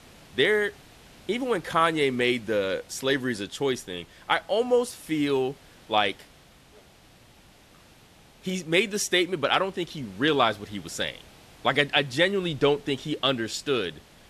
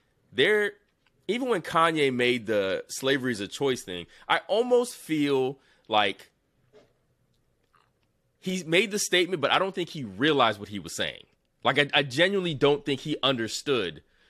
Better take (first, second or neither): second